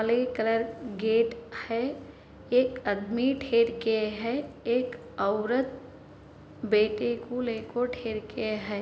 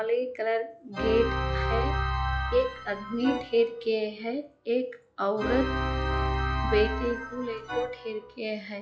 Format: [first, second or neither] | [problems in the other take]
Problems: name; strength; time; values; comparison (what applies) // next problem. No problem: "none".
first | noise reduction (classical method log-MMSE)